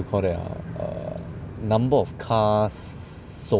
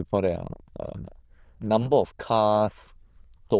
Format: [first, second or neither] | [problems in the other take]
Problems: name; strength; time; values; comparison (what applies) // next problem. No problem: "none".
first | noise reduction (neural diffusion model UNIVERSE++)